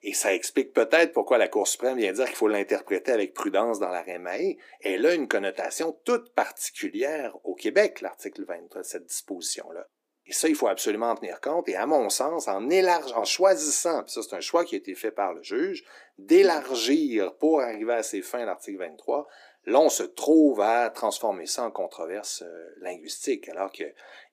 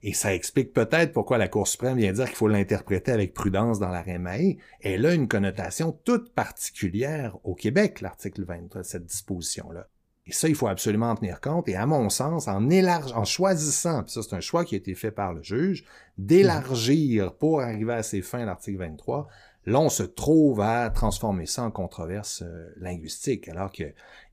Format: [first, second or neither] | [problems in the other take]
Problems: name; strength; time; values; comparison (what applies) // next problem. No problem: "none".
second | thin; somewhat; fading below 300 Hz